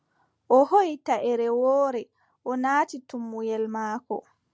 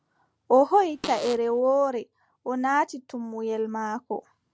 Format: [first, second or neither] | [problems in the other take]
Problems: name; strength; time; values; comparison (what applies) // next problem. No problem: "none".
first | background sound (Fart); 13 dB below the speech